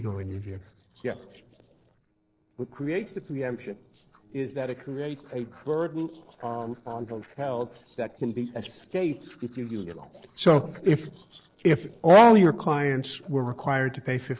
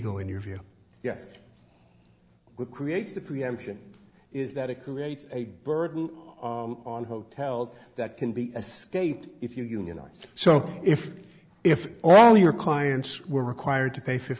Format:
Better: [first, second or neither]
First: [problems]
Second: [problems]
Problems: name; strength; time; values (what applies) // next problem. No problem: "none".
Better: second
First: noise reduction (neural separator model SepFormer DNS4)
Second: none